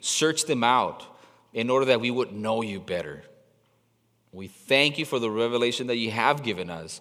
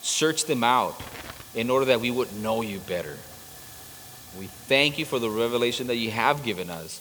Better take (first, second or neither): first